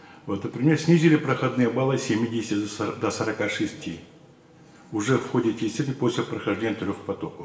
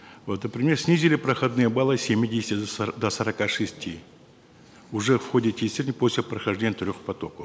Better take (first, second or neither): second